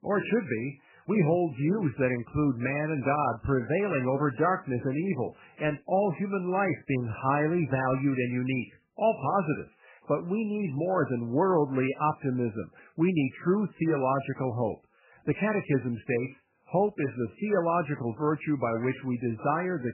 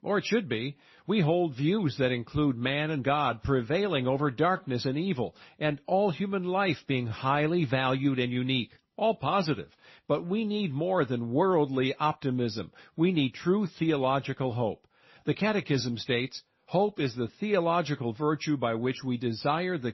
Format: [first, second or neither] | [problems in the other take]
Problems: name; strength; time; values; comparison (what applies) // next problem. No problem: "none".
second | garbled, watery; badly; nothing above 2.5 kHz; slightly in the second